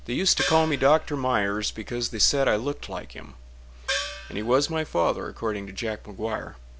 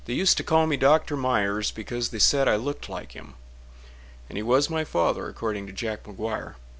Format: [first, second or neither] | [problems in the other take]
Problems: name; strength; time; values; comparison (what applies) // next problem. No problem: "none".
second | background sound (Gong); 6 dB below the speech